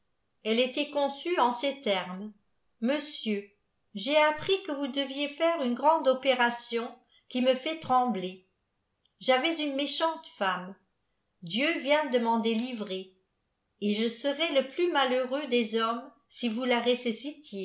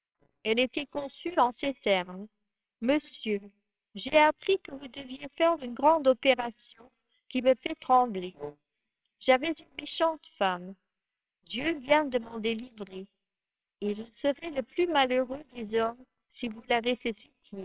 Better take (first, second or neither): first